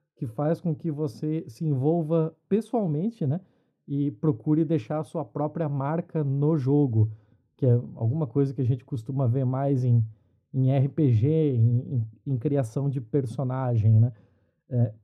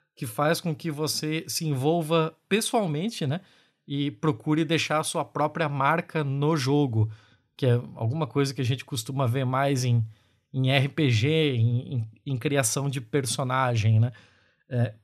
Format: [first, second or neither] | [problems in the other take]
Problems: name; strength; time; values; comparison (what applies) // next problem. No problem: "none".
second | muffled; very; fading above 1 kHz